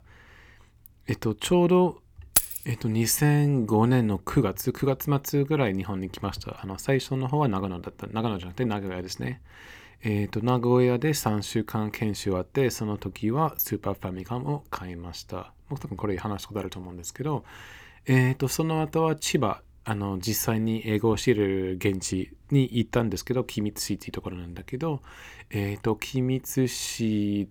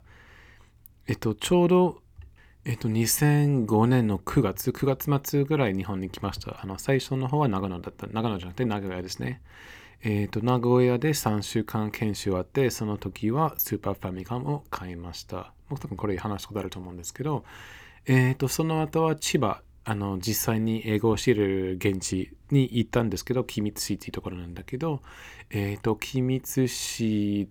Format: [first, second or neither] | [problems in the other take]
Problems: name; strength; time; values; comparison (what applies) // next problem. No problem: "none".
second | jangling keys; loud; at 2.5 s; peak 4 dB above the speech